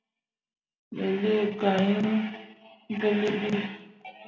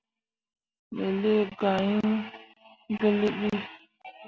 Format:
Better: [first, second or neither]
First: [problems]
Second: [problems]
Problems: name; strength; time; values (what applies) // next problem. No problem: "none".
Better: second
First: room echo; dies away in 0.7 s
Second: none